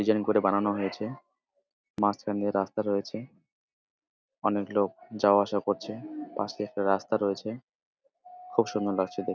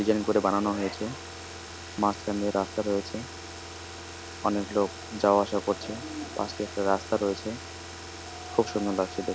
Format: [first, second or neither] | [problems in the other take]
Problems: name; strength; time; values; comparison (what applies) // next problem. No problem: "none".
first | background sound (Car); 12 dB below the speech